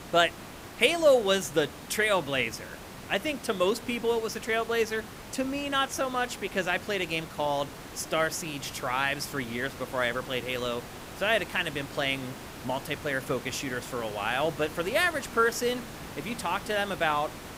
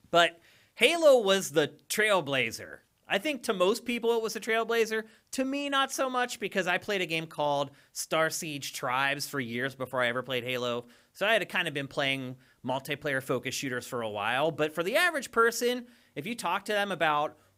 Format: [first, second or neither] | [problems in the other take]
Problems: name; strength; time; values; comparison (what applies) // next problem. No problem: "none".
second | hiss; noticeable; throughout; 15 dB below the speech